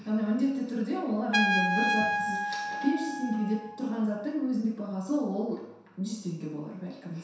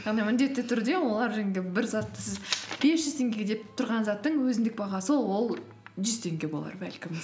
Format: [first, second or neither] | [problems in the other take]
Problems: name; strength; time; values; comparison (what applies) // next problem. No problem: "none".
second | background sound (Trumpet); 3 dB below the speech // room echo; dies away in 0.7 s